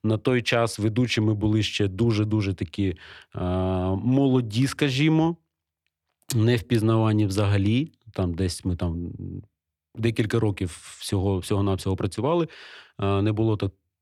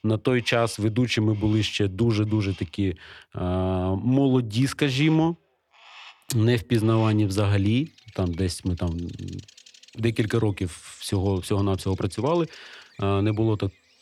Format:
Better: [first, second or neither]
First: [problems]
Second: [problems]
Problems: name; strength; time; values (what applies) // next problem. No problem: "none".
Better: first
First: none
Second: animal sounds; faint; throughout; 25 dB below the speech